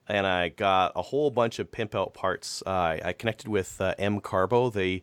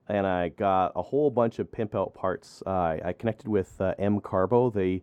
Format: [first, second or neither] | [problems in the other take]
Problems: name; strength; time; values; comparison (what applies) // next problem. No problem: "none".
first | muffled; slightly; fading above 1.5 kHz